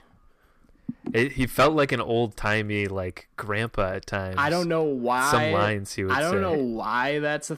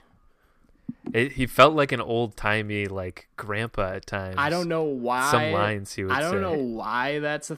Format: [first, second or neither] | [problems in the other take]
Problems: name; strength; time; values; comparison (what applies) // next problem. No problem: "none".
second | distortion; slight; 10 dB below the speech